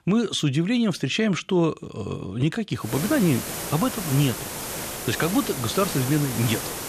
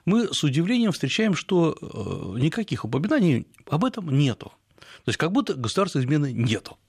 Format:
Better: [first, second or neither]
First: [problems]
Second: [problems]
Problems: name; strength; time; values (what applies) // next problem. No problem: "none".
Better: second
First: hiss; loud; from 3 s on; 6 dB below the speech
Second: none